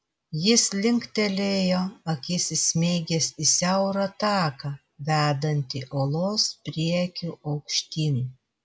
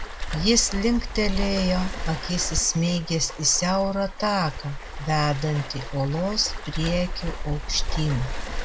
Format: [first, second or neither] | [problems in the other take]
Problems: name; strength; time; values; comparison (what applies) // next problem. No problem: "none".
first | background sound (Waves, surf); 4 dB below the speech